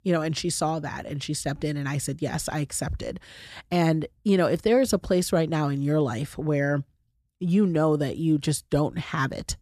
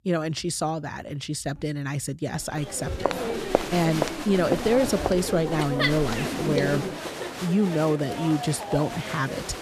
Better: first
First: none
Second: crowd noise; loud; from 3 s on; 3 dB below the speech

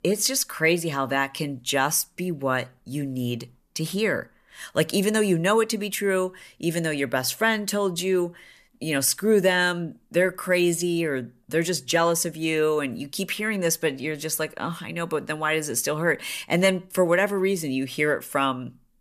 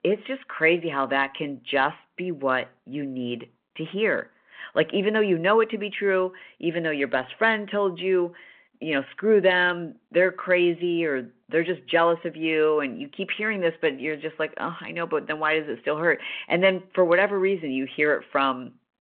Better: first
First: none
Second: phone-call audio

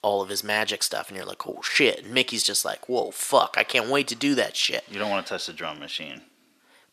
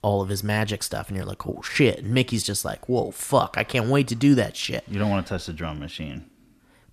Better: second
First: thin; somewhat; fading below 400 Hz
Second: none

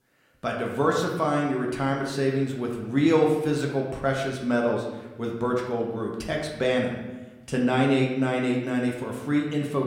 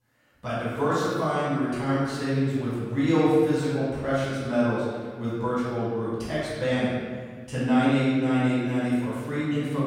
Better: first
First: room echo; slight; dies away in 1 s // off-mic speech; somewhat distant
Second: room echo; strong; dies away in 1.5 s // off-mic speech; far

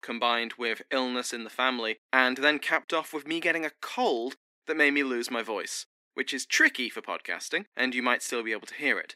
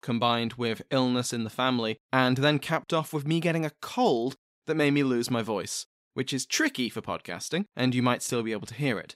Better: second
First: thin; somewhat; fading below 250 Hz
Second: none

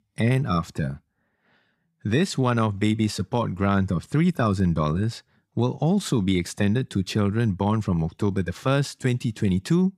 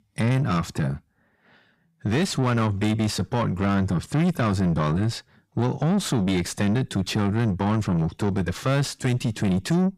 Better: first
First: none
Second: distortion; slight; 10 dB below the speech

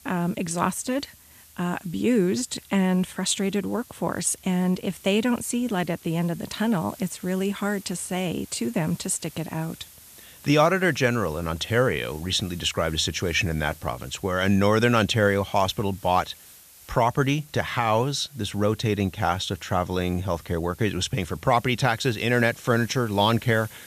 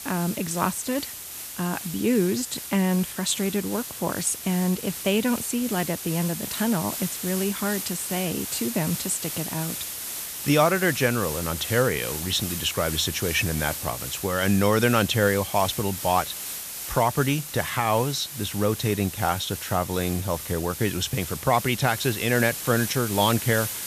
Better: first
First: hiss; faint; throughout; 20 dB below the speech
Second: hiss; loud; throughout; 6 dB below the speech

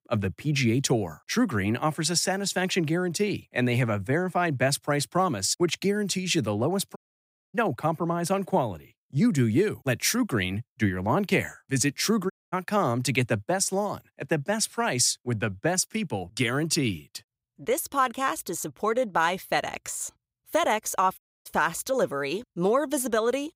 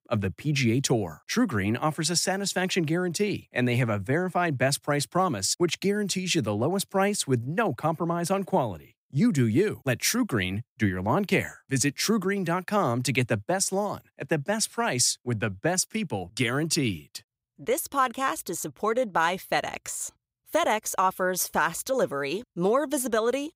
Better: second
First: audio cutting out; at 7 s for 0.5 s, at 12 s and at 21 s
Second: none

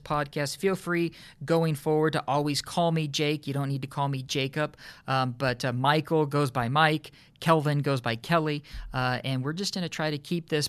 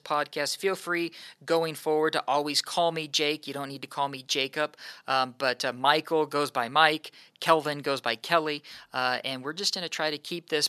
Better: first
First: none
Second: thin; somewhat; fading below 400 Hz

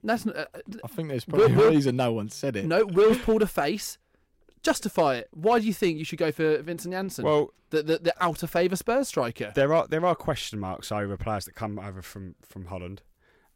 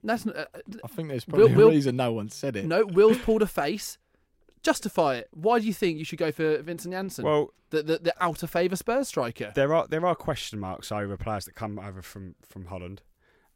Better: second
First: distortion; slight; 2% of the sound clipped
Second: none

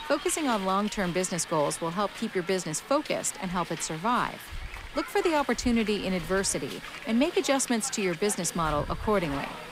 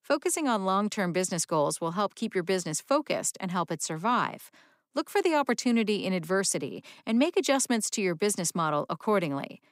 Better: second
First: hiss; noticeable; throughout; 10 dB below the speech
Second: none

